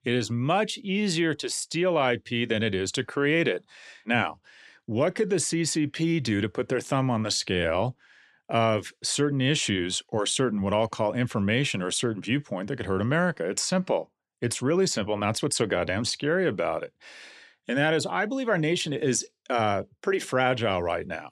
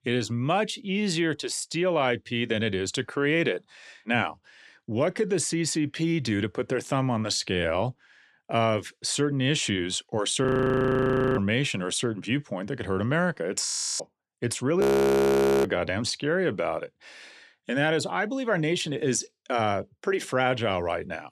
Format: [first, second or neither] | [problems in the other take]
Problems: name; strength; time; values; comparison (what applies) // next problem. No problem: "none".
first | audio freezing; at 10 s for 1 s, at 14 s and at 15 s for 1 s